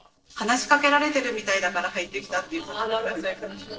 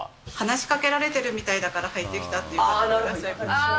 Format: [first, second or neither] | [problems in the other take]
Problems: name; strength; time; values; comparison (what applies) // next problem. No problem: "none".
second | noise reduction (neural separator model SepFormer DNS4)